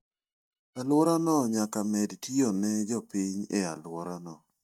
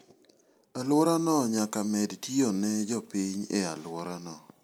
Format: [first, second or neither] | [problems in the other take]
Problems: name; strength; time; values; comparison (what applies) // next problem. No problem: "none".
second | noise reduction (neural mask model DeepFilterNet 3)